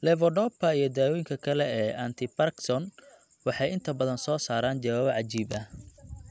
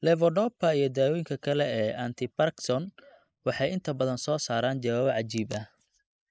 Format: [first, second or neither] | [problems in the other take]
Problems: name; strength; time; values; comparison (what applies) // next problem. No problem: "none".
first | noise reduction (neural mask model Resemble Enhance denoiser)